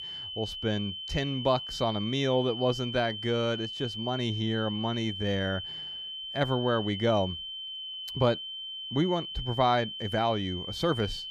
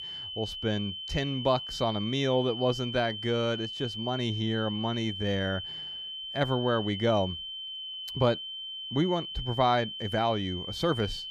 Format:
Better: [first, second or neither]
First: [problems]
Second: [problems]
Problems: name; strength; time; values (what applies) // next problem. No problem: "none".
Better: neither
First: high-pitched whine; loud; throughout; 3 kHz, 6 dB below the speech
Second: high-pitched whine; loud; throughout; 3 kHz, 6 dB below the speech